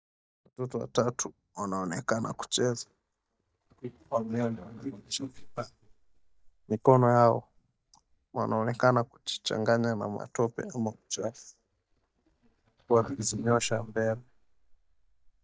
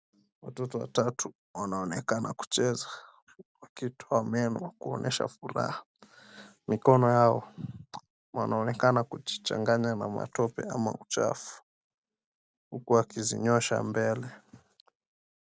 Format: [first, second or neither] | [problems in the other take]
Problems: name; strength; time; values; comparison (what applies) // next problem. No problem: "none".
second | noise reduction (neural mask model DeepFilterNet 3)